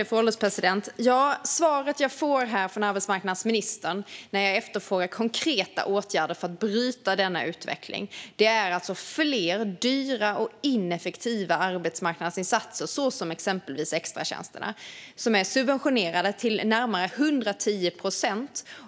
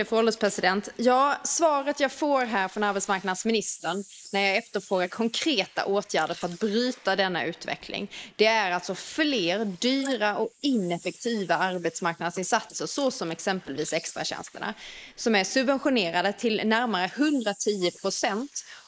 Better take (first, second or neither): first